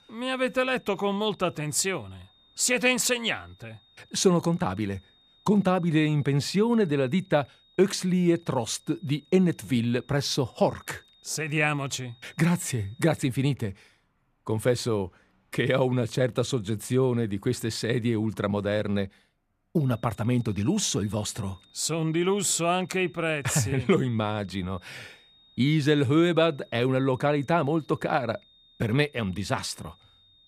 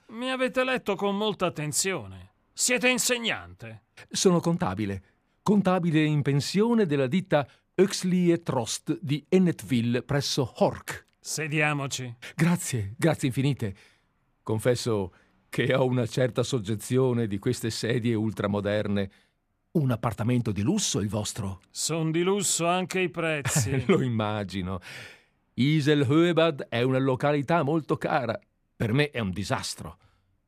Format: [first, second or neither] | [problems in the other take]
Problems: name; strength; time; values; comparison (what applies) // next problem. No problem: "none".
second | high-pitched whine; faint; until 13 s and from 20 s on; 3.5 kHz, 30 dB below the speech